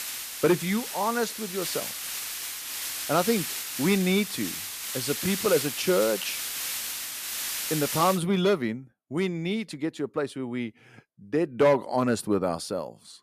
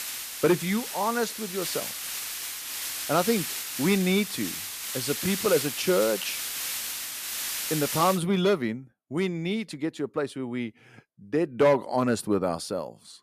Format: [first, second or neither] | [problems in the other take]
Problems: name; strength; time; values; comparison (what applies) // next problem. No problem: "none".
neither | hiss; loud; until 8 s; 4 dB below the speech; the same in both